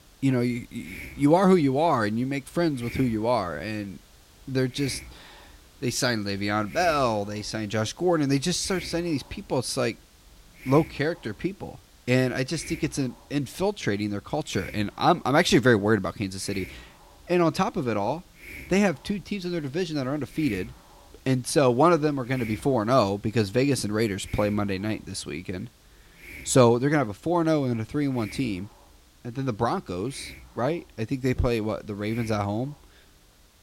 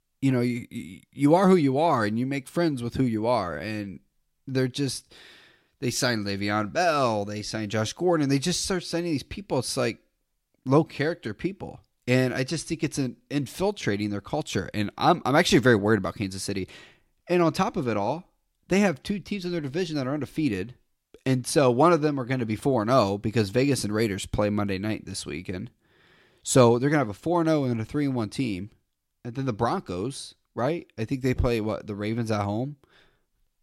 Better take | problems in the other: second | hiss; faint; throughout; 20 dB below the speech

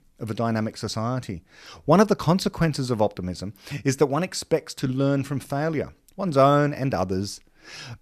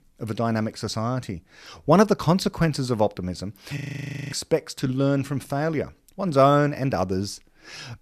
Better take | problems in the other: first | audio freezing; at 4 s for 0.5 s

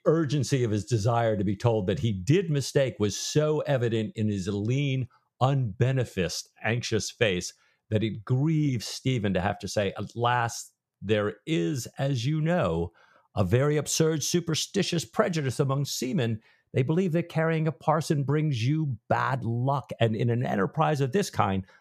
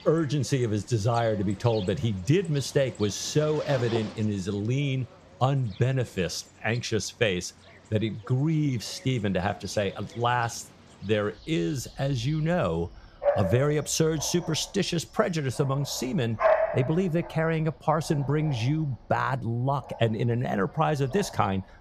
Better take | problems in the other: first | animal sounds; loud; throughout; 8 dB below the speech

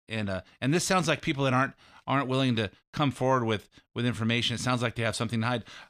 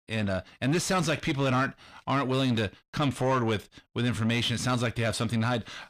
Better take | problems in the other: first | distortion; slight; 10 dB below the speech

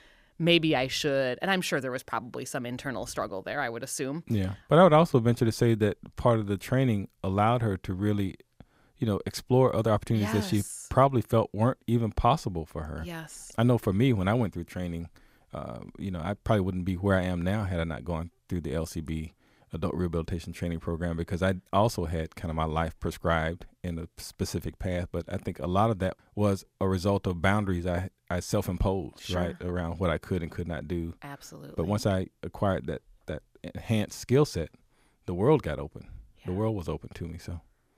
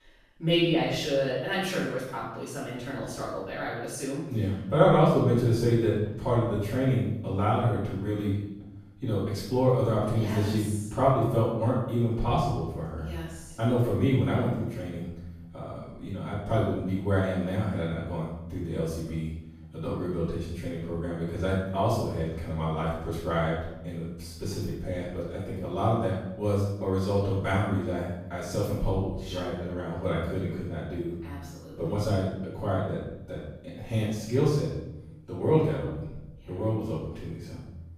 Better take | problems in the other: first | room echo; strong; dies away in 0.8 s // off-mic speech; far

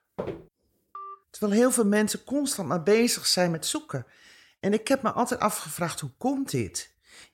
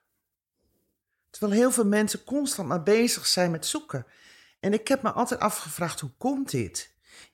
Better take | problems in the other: second | footsteps; faint; at the start; peak 10 dB below the speech // phone ringing; faint; at 1 s; peak 15 dB below the speech

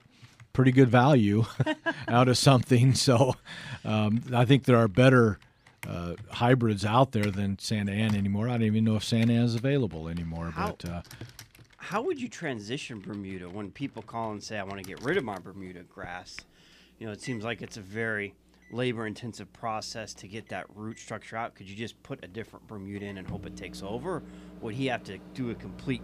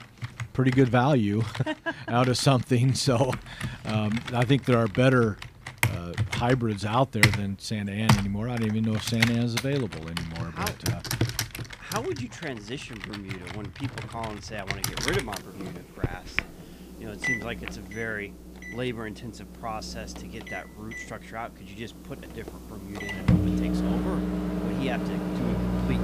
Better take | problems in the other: first | household noises; loud; throughout; 3 dB below the speech; faint in the first

